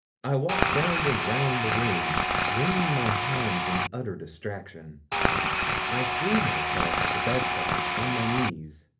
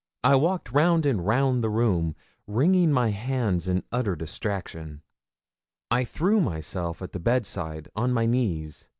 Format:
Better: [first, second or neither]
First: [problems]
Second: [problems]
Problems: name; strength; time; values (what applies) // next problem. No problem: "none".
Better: second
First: background sound (Tools); 4 dB above the speech // room echo; dies away in 0.3 s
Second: none